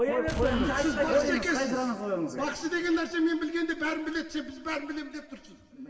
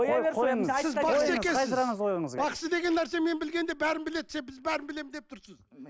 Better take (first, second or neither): second